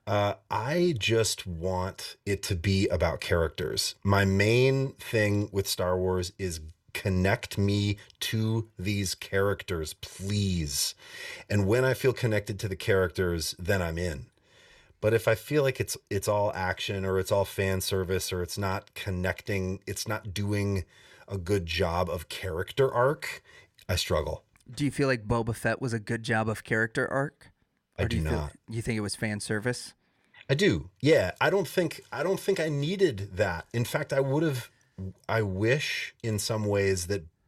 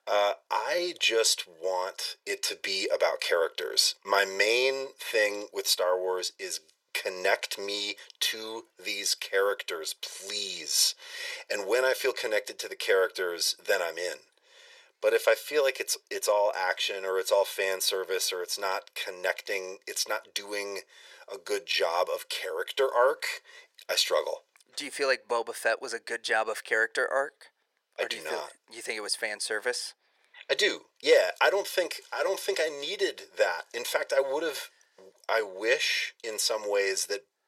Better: first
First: none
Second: thin; very; fading below 500 Hz

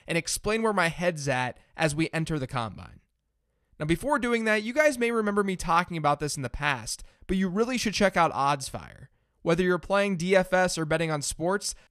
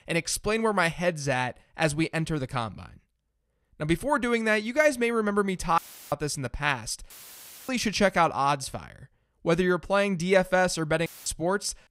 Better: first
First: none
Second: audio cutting out; filled with static; at 6 s, at 7 s for 0.5 s and at 11 s

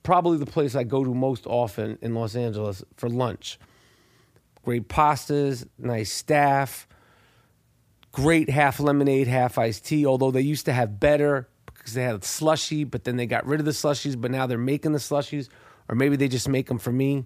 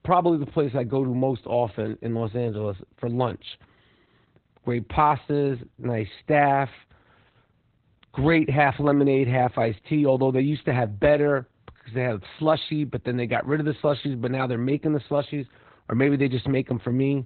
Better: first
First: none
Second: garbled, watery; badly; nothing above 4 kHz

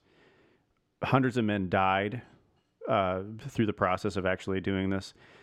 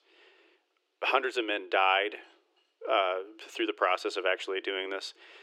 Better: first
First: none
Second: thin; very; fading below 350 Hz

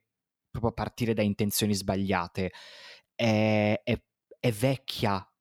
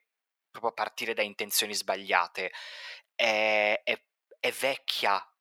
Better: first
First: none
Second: thin; very; fading below 700 Hz

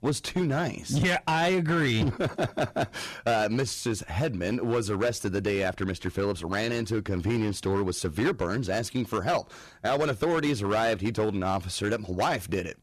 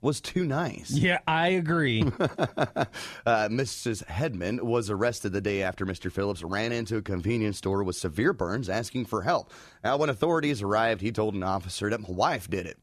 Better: second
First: distortion; slight; 10% of the sound clipped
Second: none

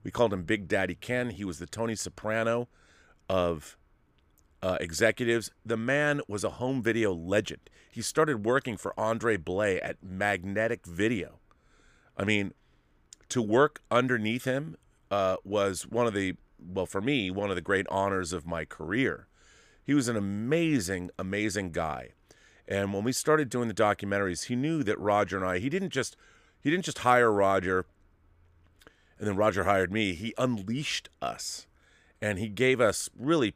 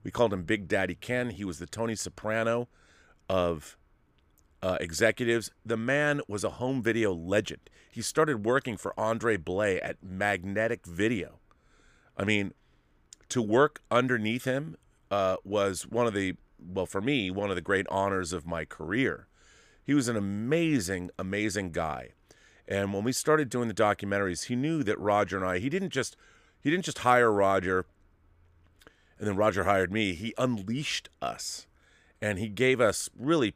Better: neither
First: none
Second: none

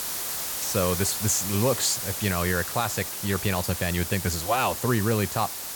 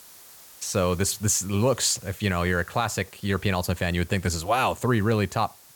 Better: second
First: hiss; loud; throughout; 4 dB below the speech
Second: hiss; faint; throughout; 20 dB below the speech

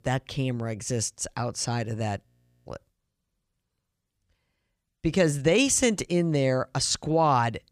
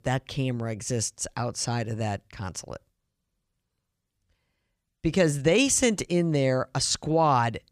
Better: second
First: audio freezing; at 2.5 s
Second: none

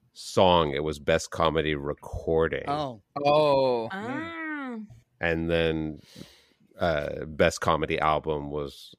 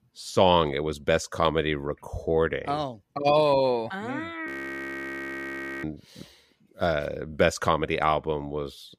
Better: first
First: none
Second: audio freezing; at 4.5 s for 1.5 s

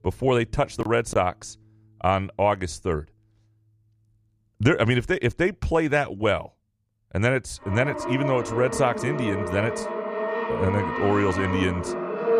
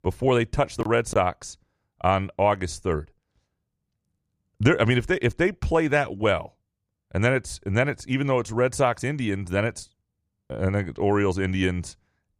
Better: second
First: background music; loud; throughout; 5 dB below the speech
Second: none

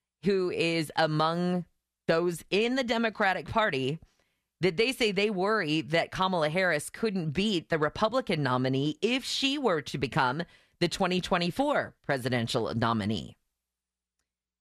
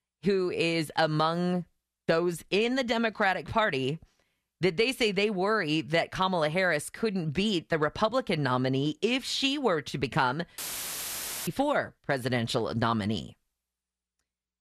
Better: first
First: none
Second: audio cutting out; filled with static; at 11 s for 1 s

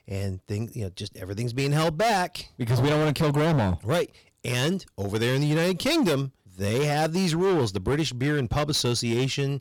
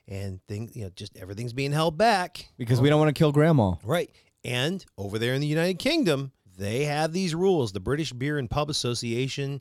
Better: second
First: distortion; heavy; 16% of the sound clipped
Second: none

